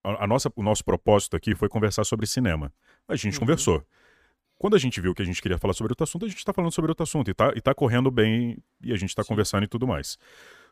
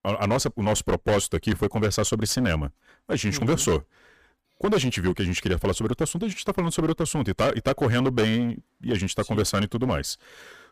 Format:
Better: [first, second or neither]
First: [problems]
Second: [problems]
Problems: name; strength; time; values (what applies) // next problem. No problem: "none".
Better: first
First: none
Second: distortion; heavy; 12% of the sound clipped